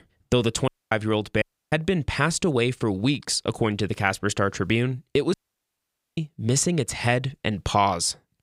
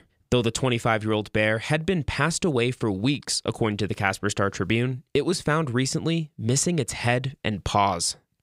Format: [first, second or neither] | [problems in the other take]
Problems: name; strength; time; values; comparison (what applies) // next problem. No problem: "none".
second | audio cutting out; at 0.5 s, at 1.5 s and at 5.5 s for 1 s